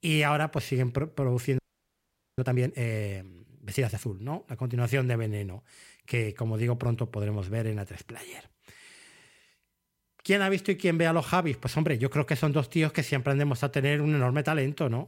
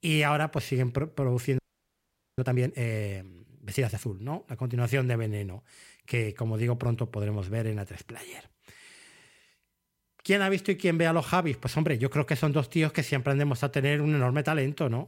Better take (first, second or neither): neither